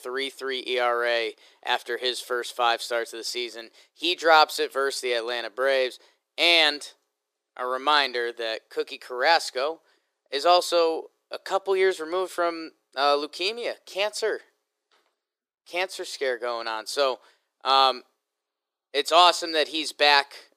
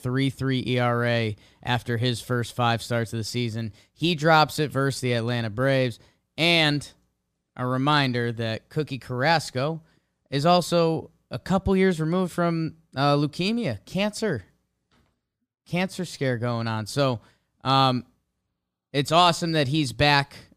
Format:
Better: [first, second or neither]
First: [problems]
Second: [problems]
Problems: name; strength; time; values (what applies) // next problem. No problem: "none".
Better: second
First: thin; very; fading below 350 Hz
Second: none